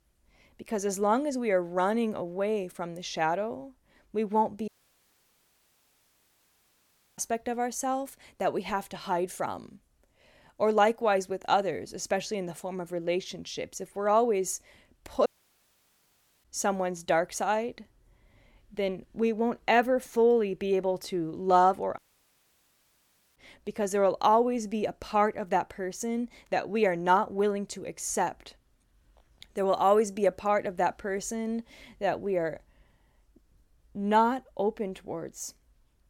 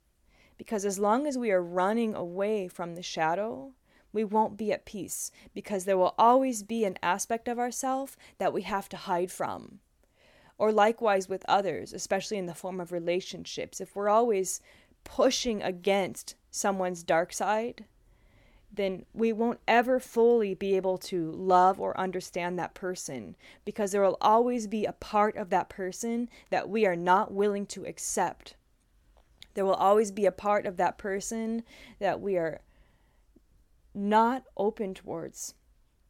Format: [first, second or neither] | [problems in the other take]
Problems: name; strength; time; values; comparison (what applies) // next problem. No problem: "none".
second | audio cutting out; at 4.5 s for 2.5 s, at 15 s for 1 s and at 22 s for 1.5 s